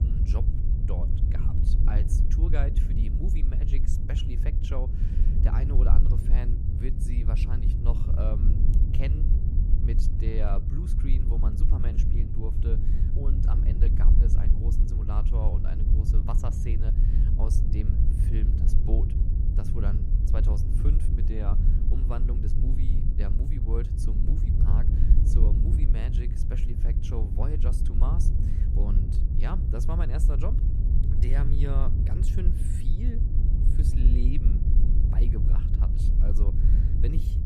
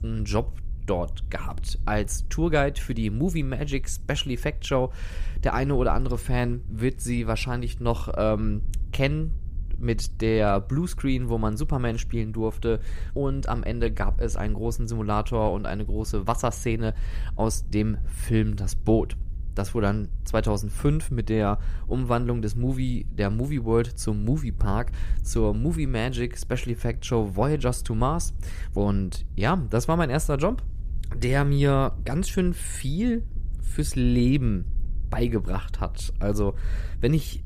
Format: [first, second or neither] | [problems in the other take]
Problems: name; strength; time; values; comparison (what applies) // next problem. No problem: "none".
second | low rumble; loud; throughout; 1 dB below the speech; faint in the second